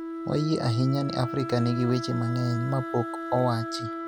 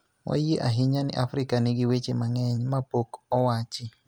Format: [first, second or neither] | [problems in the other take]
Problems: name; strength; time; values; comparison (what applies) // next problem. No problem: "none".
second | background sound (Wind instrument, woodwind instrument); 7 dB below the speech